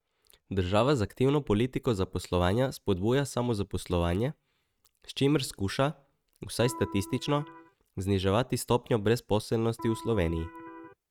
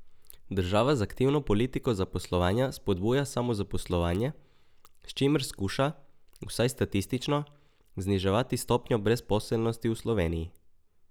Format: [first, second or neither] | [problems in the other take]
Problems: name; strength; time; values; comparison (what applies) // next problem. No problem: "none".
second | noise reduction (neural mask model RNNoise)